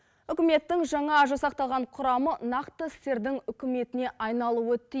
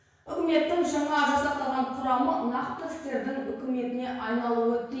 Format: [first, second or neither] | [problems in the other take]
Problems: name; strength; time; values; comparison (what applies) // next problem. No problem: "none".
first | room echo; dies away in 1.1 s